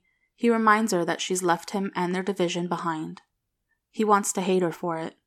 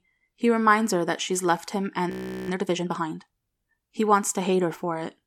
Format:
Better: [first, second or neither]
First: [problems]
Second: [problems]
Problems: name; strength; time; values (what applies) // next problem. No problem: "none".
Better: first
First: none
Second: audio freezing; at 2 s